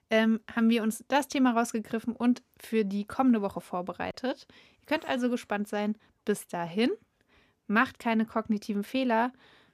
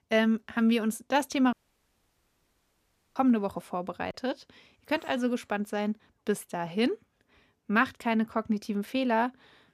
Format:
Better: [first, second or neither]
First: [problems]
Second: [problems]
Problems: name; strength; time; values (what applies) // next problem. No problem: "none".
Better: first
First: none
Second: audio cutting out; at 1.5 s for 1.5 s